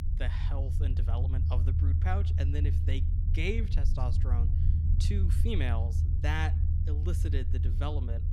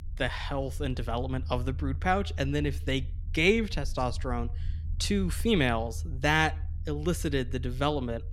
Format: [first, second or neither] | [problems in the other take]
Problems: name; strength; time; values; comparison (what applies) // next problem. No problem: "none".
second | low rumble; loud; throughout; 5 dB below the speech; faint in the second